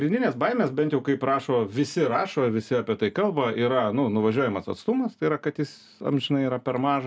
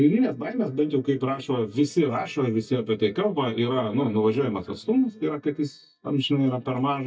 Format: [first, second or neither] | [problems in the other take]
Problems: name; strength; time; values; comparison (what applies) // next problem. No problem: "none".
first | noise reduction (neural mask model DeepFilterNet 3)